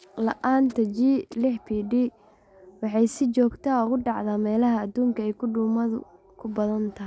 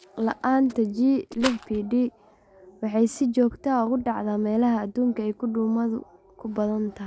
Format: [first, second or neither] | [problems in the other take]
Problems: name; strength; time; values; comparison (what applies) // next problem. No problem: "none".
first | background sound (Rattle); 10 dB below the speech